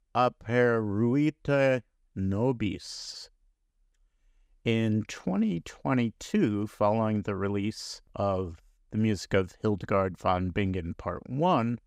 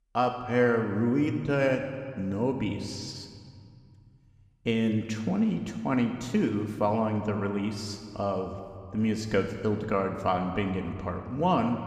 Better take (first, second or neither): first